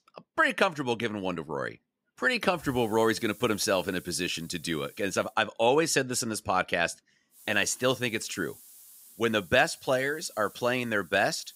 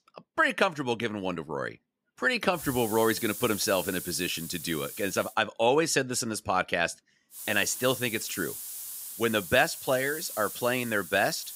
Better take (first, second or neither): first